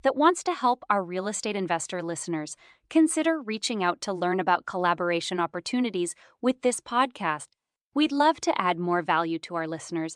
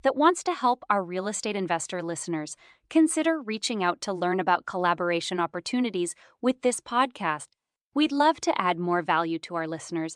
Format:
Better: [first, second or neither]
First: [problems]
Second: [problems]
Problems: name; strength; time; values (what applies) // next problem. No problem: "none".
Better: neither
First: none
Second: none